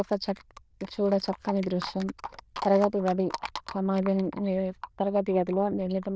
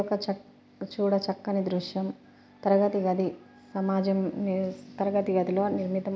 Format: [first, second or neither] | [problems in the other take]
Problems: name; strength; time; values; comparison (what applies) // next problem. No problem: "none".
second | noise reduction (neural diffusion model UNIVERSE++)